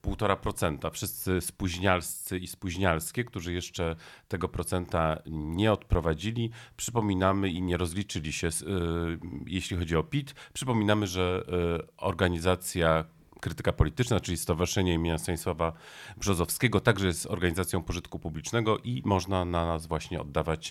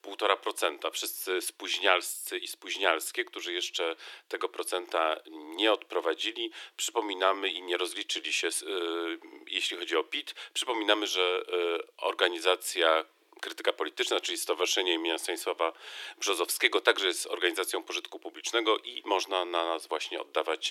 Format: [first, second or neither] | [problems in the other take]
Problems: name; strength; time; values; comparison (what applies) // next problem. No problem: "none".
first | thin; very; fading below 350 Hz